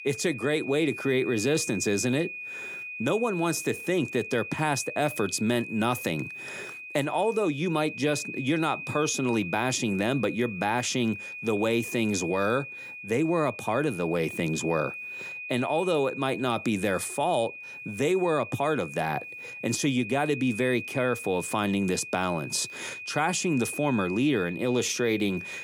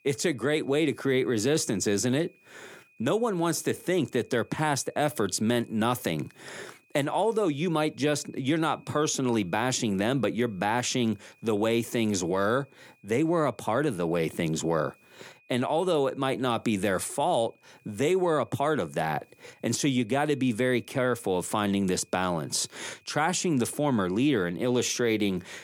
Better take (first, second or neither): second